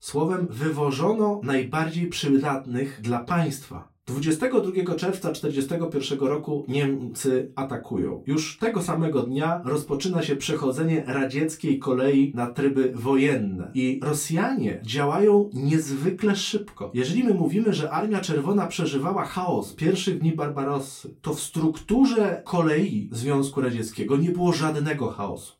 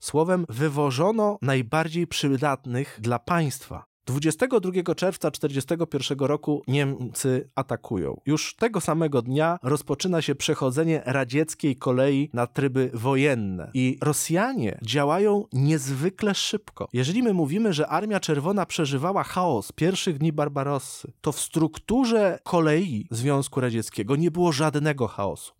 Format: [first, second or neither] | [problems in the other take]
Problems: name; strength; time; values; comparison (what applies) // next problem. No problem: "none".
second | off-mic speech; far // room echo; very slight; dies away in 0.2 s